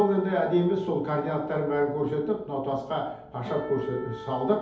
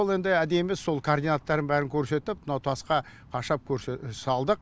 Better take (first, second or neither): second